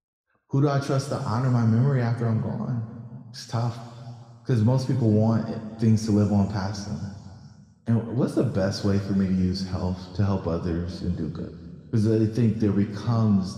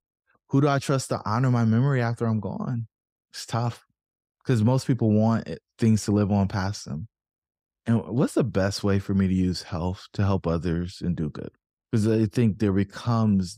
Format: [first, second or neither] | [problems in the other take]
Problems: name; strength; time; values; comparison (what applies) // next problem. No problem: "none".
second | room echo; slight; dies away in 2.2 s